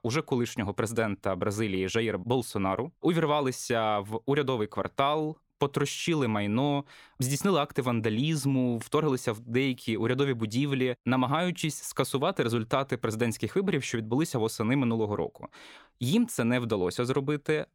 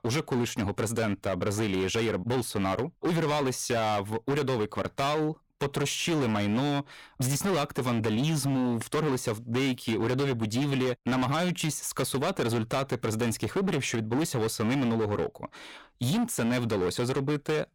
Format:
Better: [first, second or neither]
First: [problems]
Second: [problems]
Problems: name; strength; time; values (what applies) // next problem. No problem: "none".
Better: first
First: none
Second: distortion; heavy; 23% of the sound clipped